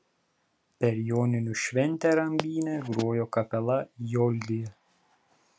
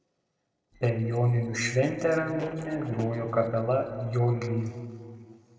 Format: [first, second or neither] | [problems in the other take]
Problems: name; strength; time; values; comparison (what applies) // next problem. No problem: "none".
first | noise reduction (neural separator model SepFormer DNS4)